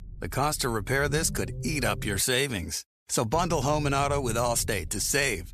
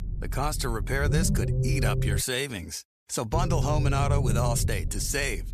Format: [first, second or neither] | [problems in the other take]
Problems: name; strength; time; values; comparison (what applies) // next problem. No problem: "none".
first | low rumble; loud; until 2 s and from 3.5 s on; 8 dB below the speech; faint in the first